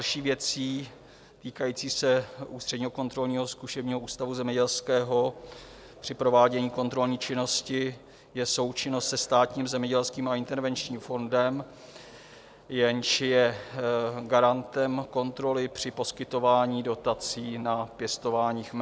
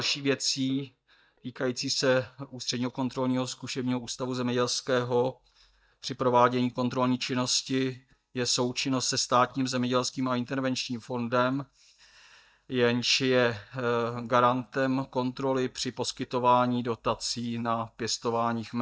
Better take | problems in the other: first | noise reduction (neural mask model DeepFilterNet 3)

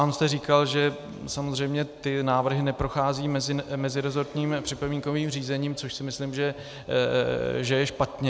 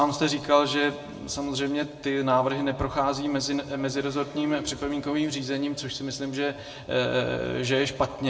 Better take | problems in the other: first | room echo; dies away in 1.4 s

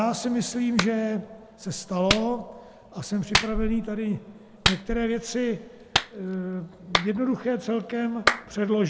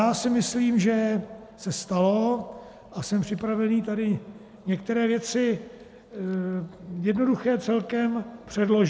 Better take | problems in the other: second | background sound (Clapping); 4 dB below the speech

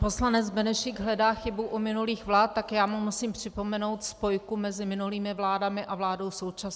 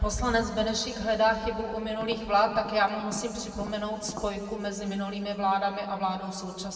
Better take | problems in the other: first | background sound (Tap); 16 dB below the speech // room echo; dies away in 2 s

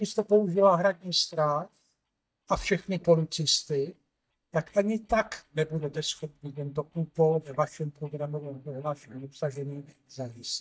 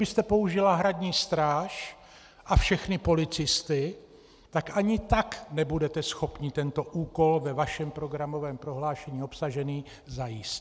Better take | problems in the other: second | noise reduction (neural mask model DeepFilterNet 3)

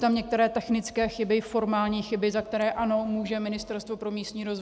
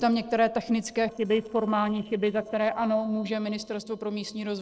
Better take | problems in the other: first | noise reduction (neural separator model SepFormer DNS4)

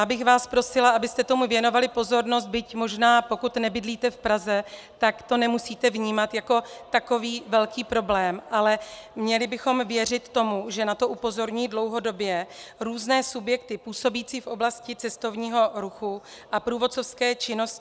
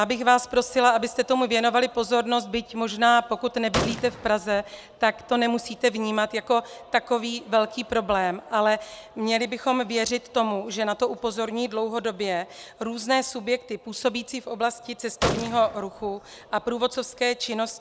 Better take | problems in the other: first | background sound (Gunshot, gunfire); 9 dB below the speech

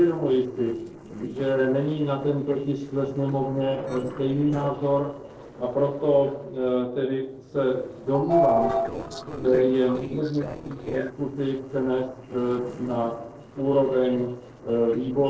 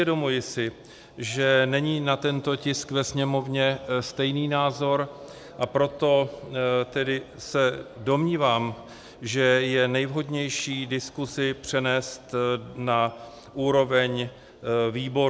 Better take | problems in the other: second | noise reduction (neural separator model SepFormer DNS4)

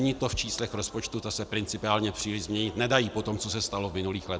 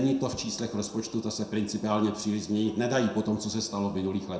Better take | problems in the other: first | room echo; dies away in 0.5 s

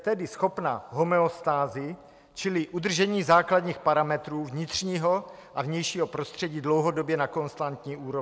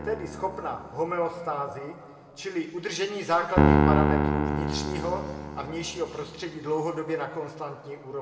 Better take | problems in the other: first | background sound (Piano); 2 dB above the speech // room echo; dies away in 1.9 s

